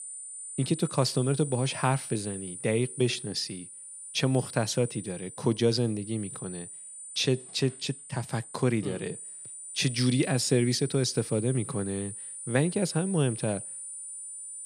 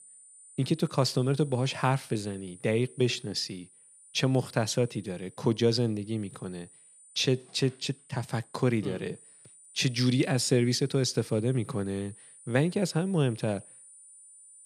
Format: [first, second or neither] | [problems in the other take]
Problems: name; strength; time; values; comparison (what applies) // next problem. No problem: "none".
second | high-pitched whine; loud; throughout; 9.5 kHz, 10 dB below the speech; faint in the second